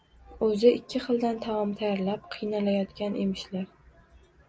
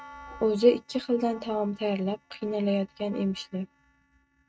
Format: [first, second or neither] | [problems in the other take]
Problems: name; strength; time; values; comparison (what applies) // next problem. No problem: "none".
first | noise reduction (neural mask model RNNoise)